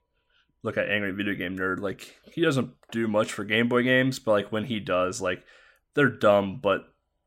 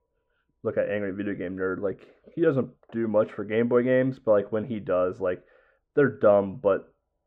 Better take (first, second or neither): first